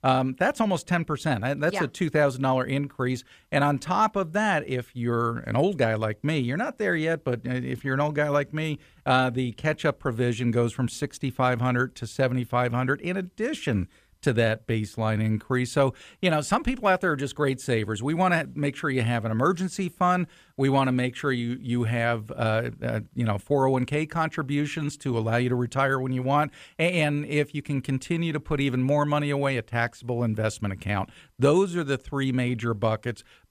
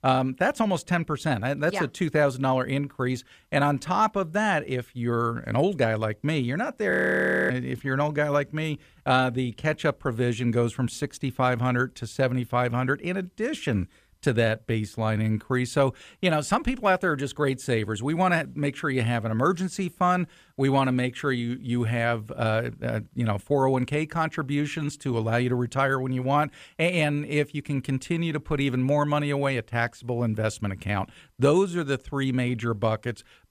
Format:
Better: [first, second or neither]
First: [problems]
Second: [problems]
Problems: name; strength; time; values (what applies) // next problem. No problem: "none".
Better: first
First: none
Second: audio freezing; at 7 s for 0.5 s